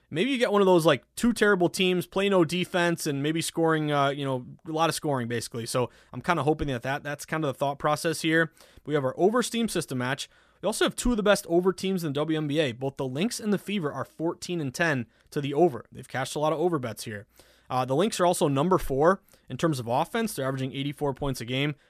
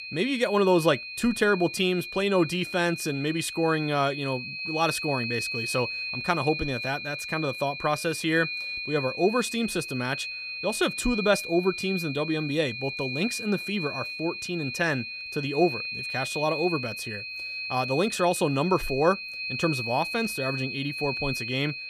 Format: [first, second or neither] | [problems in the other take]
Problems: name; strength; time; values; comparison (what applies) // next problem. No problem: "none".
first | high-pitched whine; loud; throughout; 2.5 kHz, 5 dB below the speech